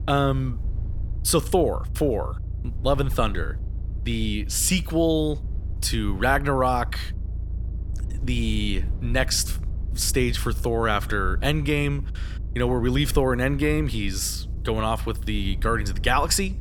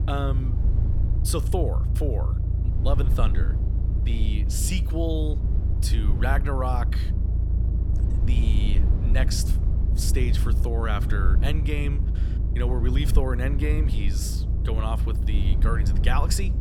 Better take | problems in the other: first | low rumble; loud; throughout; 8 dB below the speech; faint in the first

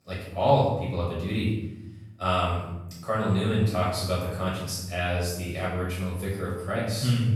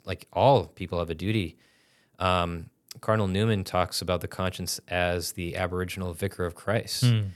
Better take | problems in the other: second | off-mic speech; far // room echo; noticeable; dies away in 0.9 s

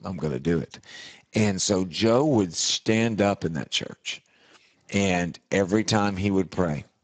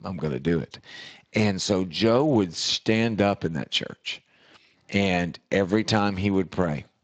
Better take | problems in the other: second | garbled, watery; badly; nothing above 7.5 kHz; slightly in the second

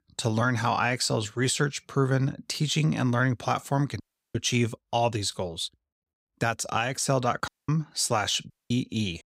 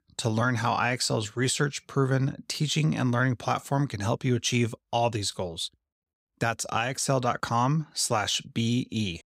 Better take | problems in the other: second | audio cutting out; at 4 s, at 7.5 s and at 8.5 s

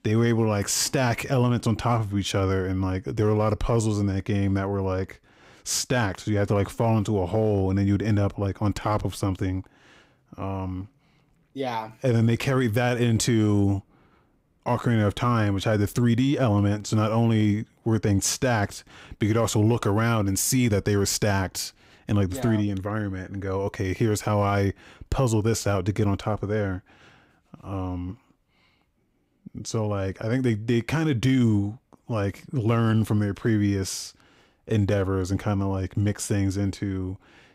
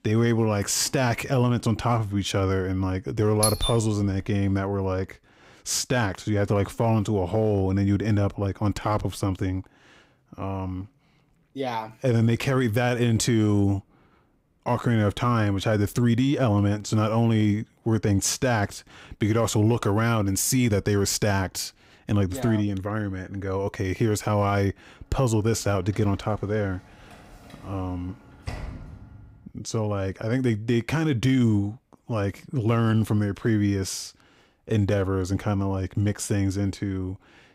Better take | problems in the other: first | doorbell; noticeable; at 3.5 s; peak level with the speech // door banging; faint; from 27 to 29 s; peak 10 dB below the speech

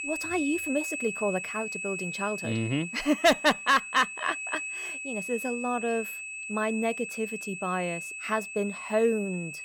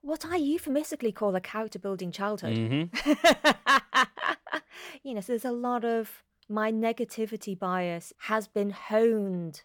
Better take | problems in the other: second | high-pitched whine; loud; throughout; 2.5 kHz, 6 dB below the speech

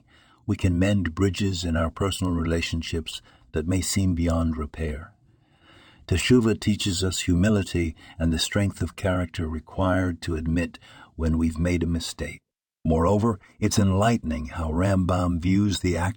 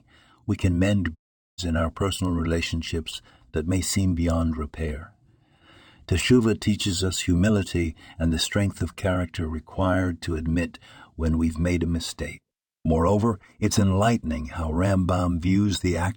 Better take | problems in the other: first | audio cutting out; at 1 s

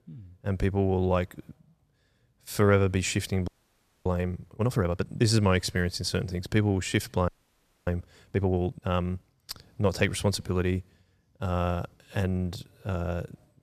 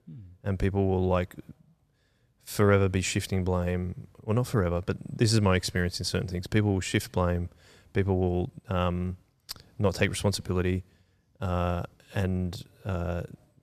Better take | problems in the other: second | audio freezing; at 3.5 s for 0.5 s and at 7.5 s for 0.5 s

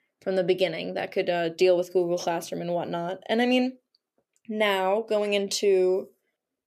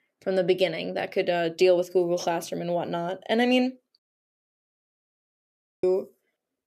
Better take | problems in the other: first | audio cutting out; at 4 s for 2 s

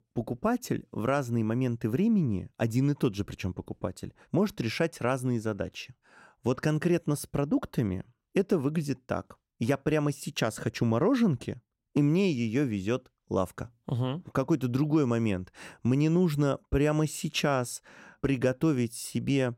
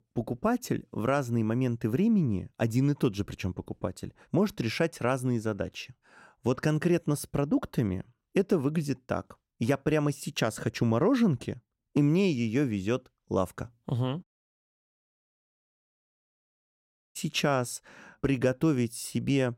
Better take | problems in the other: first | audio cutting out; at 14 s for 3 s

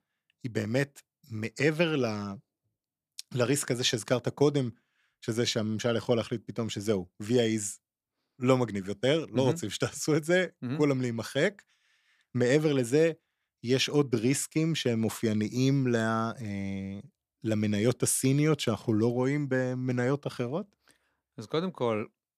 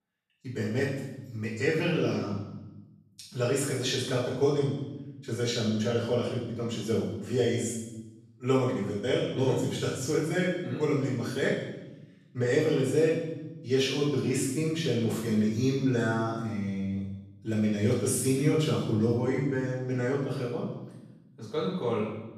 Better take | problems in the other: first | off-mic speech; far // room echo; noticeable; dies away in 1 s

